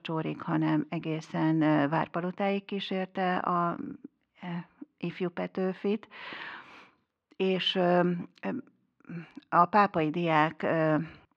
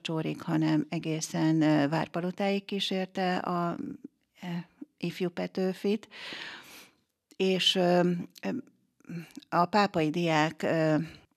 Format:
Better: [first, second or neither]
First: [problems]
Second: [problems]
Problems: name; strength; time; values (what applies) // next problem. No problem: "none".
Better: second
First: muffled; slightly; fading above 2.5 kHz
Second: none